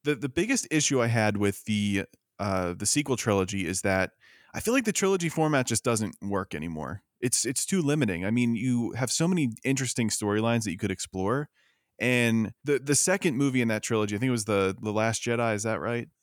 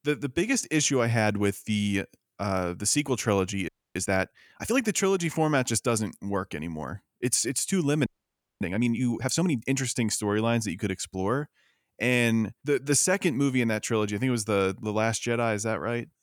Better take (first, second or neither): first